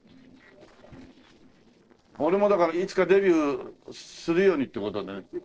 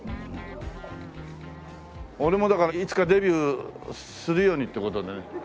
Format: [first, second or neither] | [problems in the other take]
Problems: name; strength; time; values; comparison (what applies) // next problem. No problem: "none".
second | noise reduction (neural separator model SepFormer DNS4)